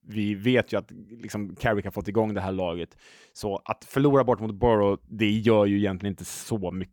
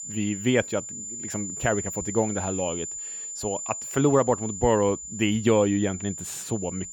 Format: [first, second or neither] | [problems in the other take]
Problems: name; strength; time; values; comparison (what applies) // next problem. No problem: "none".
first | high-pitched whine; loud; throughout; 7 kHz, 7 dB below the speech